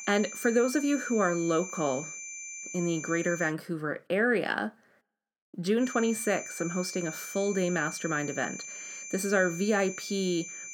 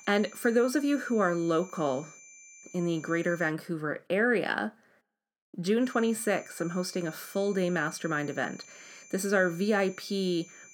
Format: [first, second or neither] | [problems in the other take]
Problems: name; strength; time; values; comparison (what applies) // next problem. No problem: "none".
second | high-pitched whine; loud; until 3.5 s and from 6 s on; 2.5 kHz, 9 dB below the speech; faint in the second